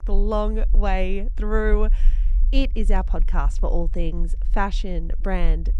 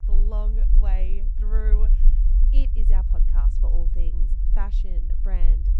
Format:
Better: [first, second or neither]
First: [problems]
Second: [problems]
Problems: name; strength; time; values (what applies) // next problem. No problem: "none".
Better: first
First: low rumble; faint; throughout; 25 dB below the speech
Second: low rumble; loud; throughout; 5 dB below the speech